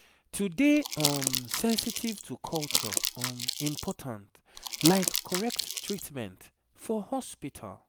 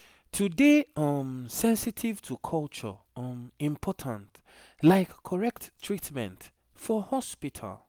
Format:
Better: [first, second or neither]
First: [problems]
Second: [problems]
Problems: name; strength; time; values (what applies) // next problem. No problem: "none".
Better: second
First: background sound (Crumpling, crinkling); 1 dB below the speech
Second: none